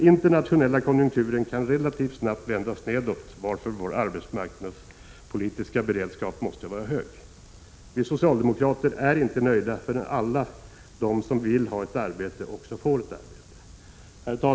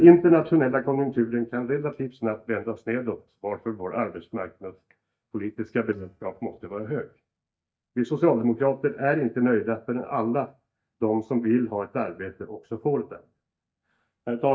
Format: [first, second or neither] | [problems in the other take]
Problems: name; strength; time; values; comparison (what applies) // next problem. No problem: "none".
first | noise reduction (neural mask model DeepFilterNet 3)